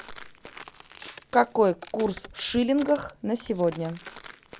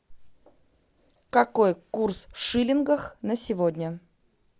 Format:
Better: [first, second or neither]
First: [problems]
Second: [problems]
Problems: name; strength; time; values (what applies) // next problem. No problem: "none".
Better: second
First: background sound (Walk, footsteps); 19 dB below the speech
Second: none